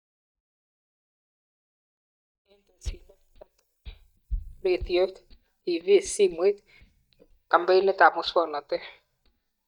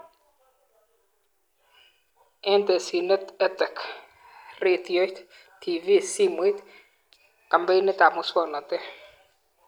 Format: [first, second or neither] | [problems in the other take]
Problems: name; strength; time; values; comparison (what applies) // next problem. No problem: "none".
second | noise reduction (neural mask model DeepFilterNet 3)